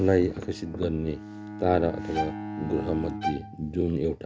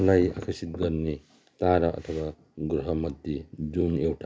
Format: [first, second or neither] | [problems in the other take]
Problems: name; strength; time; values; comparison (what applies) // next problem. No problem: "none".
second | background sound (Bowed string instrument + Bowed string instrument); 8 dB below the speech